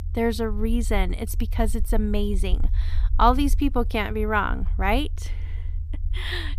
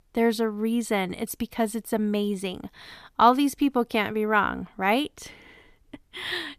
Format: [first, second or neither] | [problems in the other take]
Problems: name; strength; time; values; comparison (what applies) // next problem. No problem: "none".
second | low rumble; faint; throughout; 25 dB below the speech